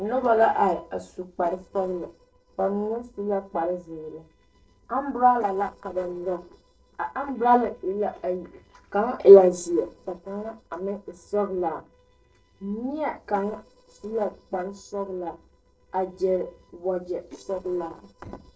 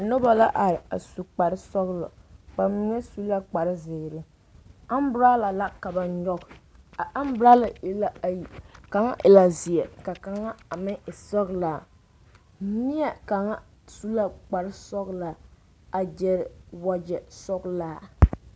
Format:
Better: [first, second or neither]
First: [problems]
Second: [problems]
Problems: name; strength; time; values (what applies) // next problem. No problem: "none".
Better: second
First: noise reduction (neural separator model SepFormer DNS4)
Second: none